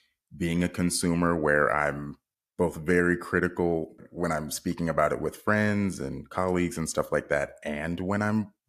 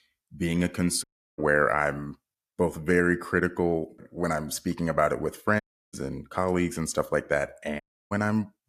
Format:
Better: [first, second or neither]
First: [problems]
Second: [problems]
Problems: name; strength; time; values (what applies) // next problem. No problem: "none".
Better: first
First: none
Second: audio cutting out; at 1 s, at 5.5 s and at 8 s